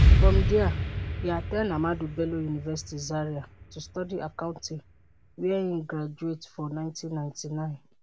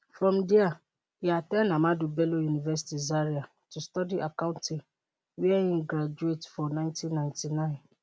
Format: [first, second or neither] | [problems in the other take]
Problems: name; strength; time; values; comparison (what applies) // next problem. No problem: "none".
second | background sound (Explosion); 3 dB above the speech